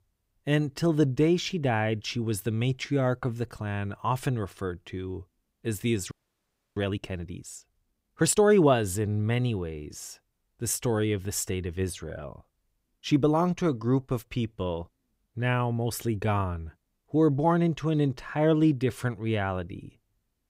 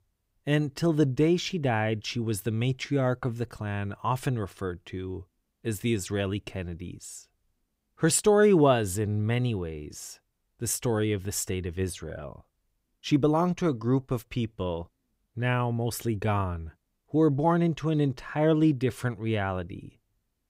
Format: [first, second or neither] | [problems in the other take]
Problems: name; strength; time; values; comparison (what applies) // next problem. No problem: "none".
second | audio freezing; at 6 s for 0.5 s